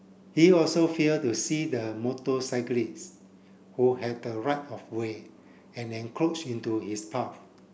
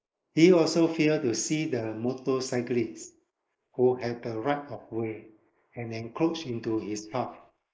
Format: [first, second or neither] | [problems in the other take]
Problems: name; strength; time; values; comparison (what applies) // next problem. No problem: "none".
first | noise reduction (neural mask model Resemble Enhance denoiser)